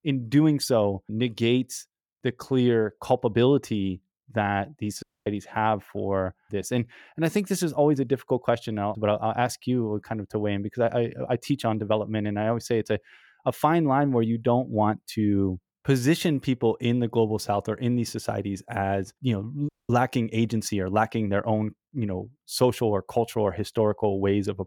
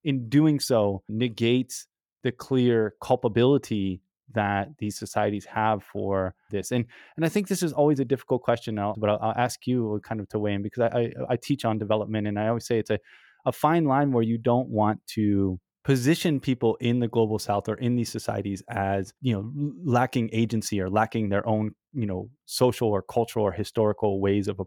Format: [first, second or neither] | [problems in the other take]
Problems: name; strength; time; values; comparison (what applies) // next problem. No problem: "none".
second | audio cutting out; at 5 s and at 20 s